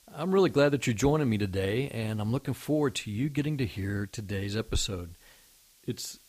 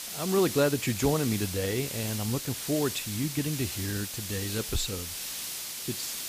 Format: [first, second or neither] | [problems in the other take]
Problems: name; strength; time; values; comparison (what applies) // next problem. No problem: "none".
first | hiss; loud; throughout; 4 dB below the speech; faint in the first